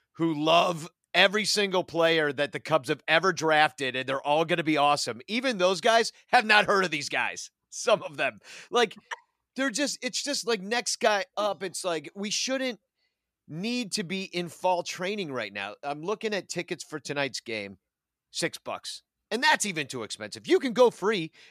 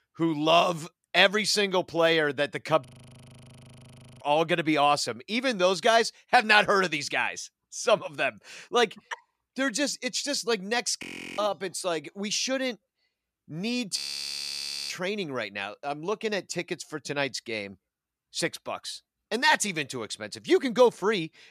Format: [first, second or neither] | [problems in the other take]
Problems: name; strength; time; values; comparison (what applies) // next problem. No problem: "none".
first | audio freezing; at 3 s for 1.5 s, at 11 s and at 14 s for 1 s